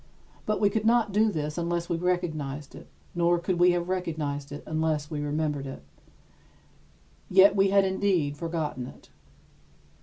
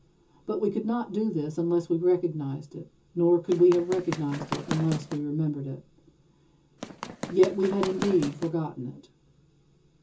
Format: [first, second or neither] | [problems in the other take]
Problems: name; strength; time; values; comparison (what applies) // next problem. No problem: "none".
first | background sound (Run); 8 dB below the speech // room echo; dies away in 0.2 s